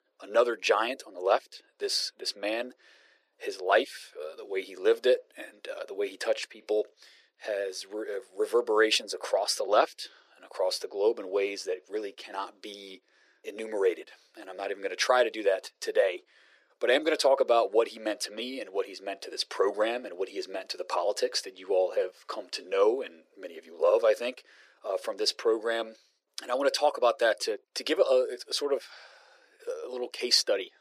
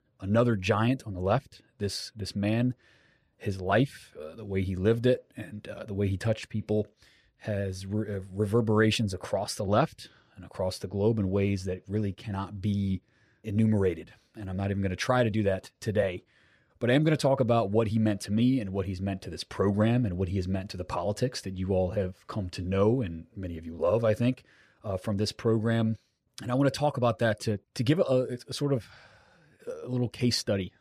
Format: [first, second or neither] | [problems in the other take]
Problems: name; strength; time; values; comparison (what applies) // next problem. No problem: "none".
second | thin; very; fading below 350 Hz